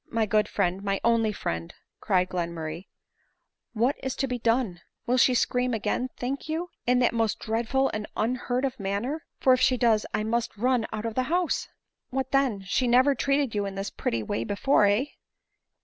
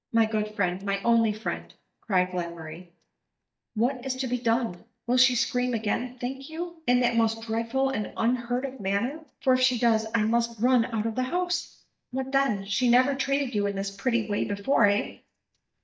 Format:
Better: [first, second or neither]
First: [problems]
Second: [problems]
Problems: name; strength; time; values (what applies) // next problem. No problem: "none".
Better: first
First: none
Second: noise reduction (neural mask model DeepFilterNet 3)